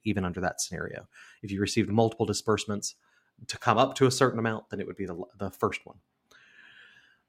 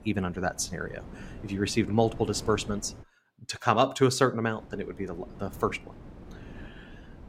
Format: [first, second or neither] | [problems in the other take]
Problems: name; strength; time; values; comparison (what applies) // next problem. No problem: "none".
first | wind noise on the microphone; occasional gusts; until 3 s and from 4.5 s on; 20 dB below the speech